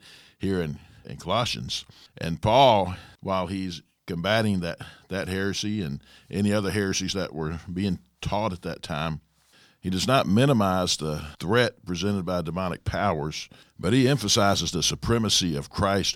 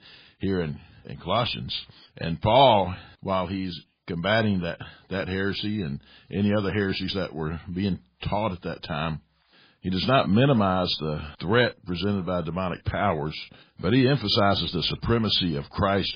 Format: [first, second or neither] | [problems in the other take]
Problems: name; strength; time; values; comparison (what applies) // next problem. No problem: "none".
first | garbled, watery; badly; nothing above 5 kHz